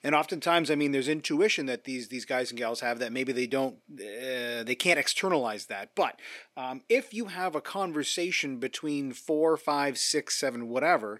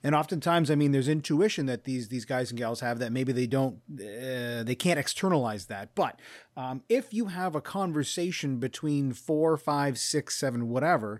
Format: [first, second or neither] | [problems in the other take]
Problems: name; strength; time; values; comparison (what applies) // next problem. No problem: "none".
second | thin; very slightly; fading below 350 Hz